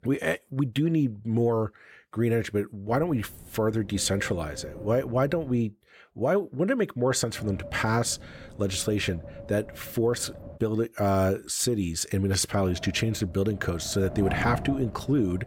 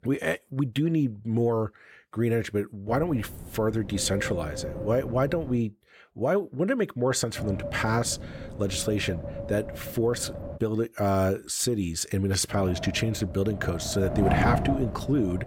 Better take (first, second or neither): first